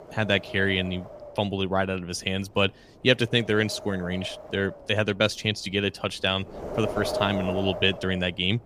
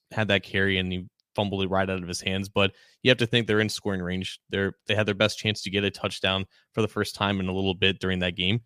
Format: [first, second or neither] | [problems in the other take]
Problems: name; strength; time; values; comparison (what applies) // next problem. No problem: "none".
second | wind noise on the microphone; heavy; 9 dB below the speech